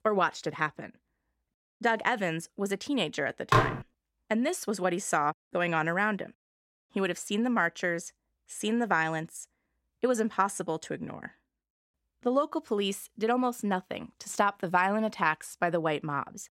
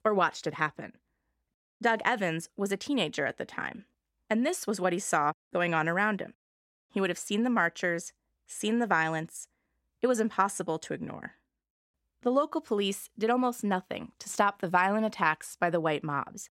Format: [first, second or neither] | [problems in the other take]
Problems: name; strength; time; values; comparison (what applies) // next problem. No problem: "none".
second | clattering dishes; loud; at 3.5 s; peak 4 dB above the speech